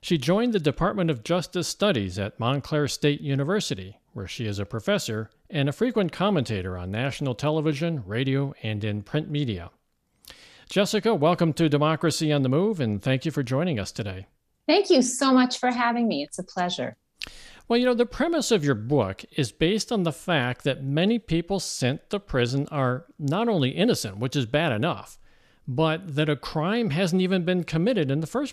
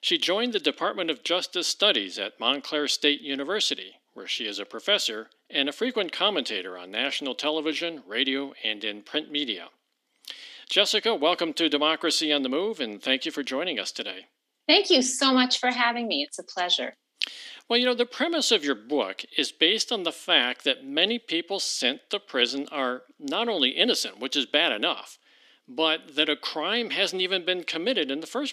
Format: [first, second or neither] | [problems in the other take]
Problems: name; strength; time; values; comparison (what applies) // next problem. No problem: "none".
first | thin; very slightly; fading below 250 Hz